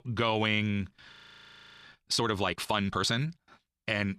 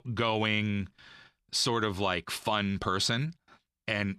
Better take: second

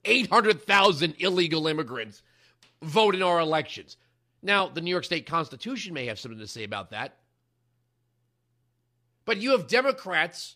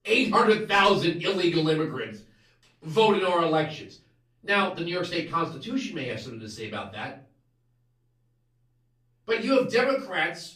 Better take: first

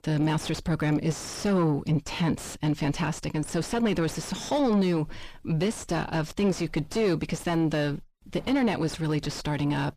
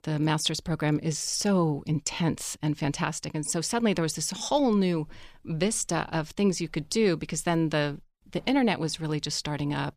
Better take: second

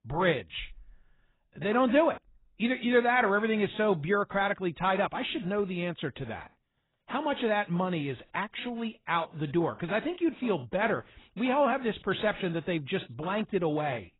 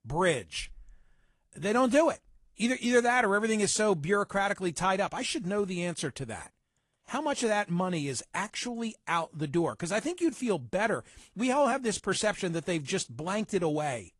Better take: second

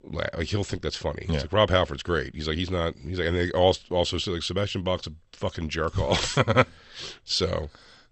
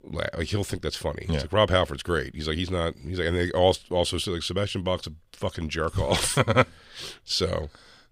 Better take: second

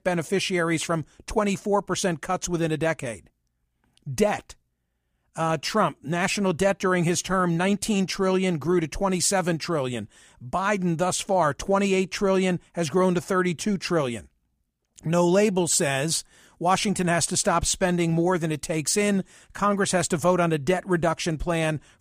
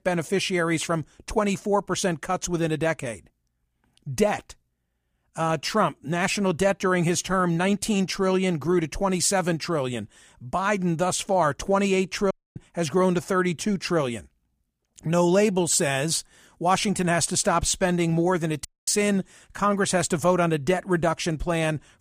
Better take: first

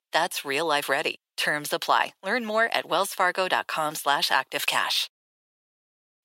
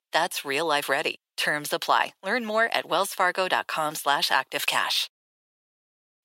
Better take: neither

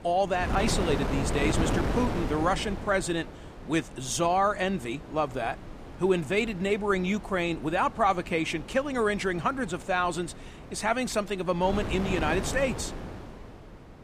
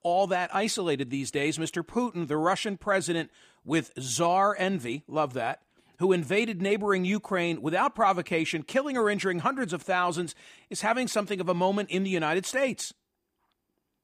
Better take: second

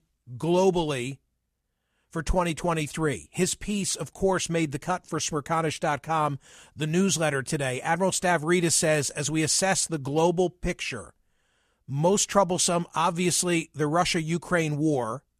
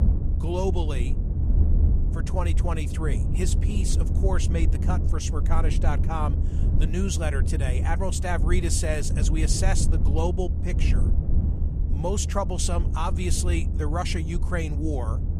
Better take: first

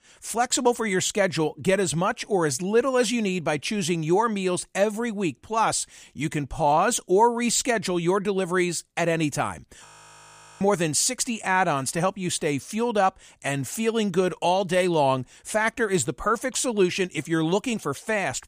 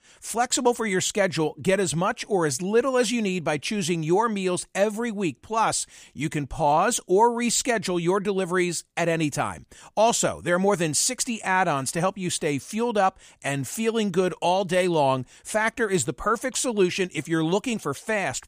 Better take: second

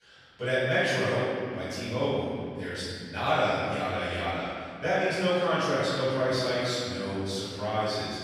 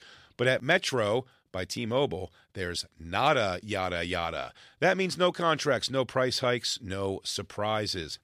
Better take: second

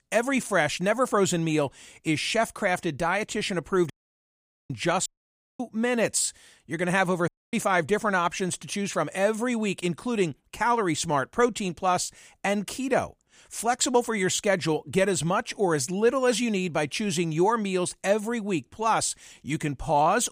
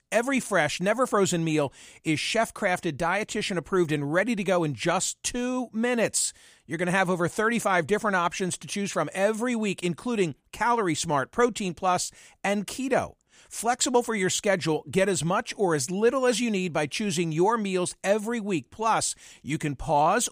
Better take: second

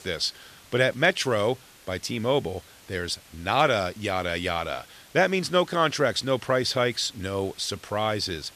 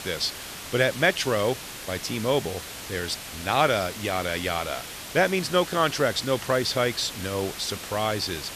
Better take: first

